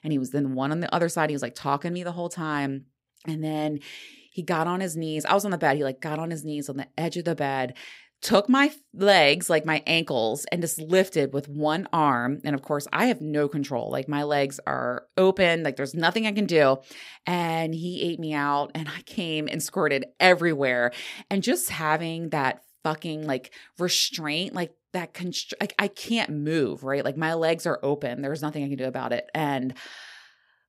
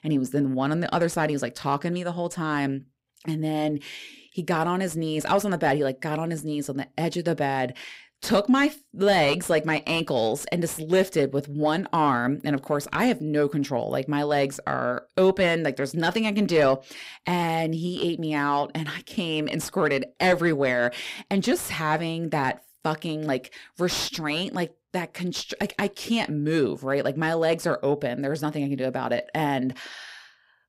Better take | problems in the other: first | distortion; slight; 10 dB below the speech

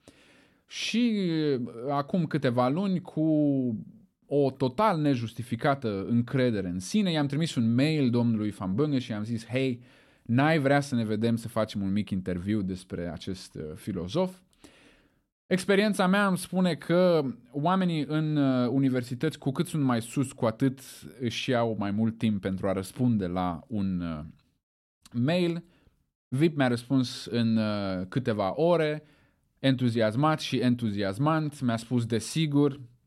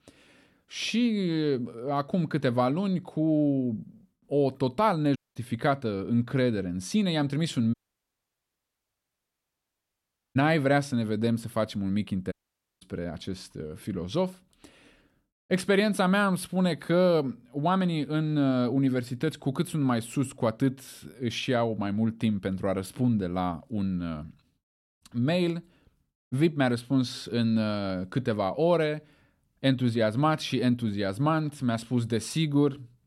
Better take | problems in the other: first | audio cutting out; at 5 s, at 7.5 s for 2.5 s and at 12 s

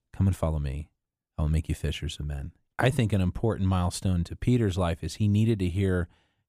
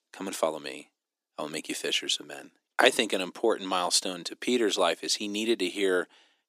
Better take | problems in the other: first | thin; very; fading below 300 Hz

